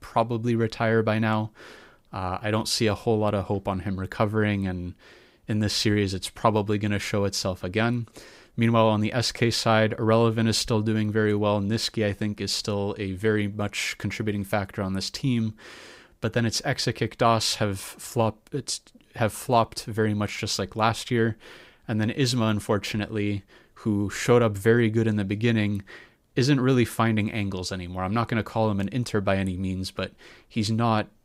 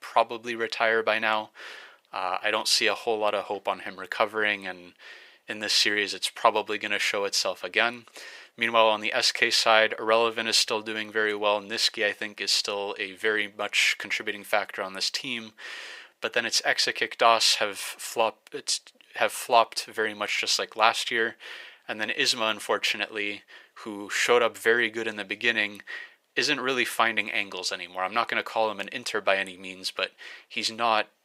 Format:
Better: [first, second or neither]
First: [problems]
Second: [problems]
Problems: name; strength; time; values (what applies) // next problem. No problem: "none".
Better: first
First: none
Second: thin; very; fading below 600 Hz